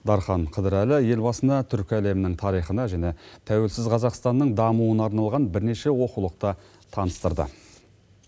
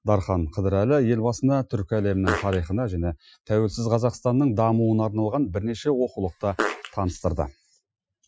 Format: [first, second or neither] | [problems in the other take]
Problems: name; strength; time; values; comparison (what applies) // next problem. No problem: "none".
first | noise reduction (classical method Wiener filter)